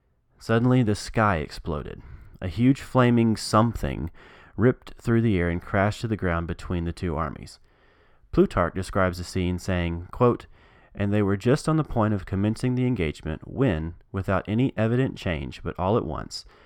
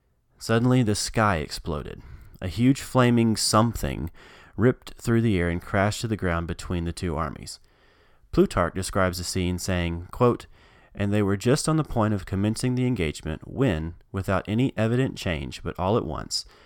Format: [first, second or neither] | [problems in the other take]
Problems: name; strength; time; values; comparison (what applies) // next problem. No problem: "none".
second | muffled; very slightly; fading above 3.5 kHz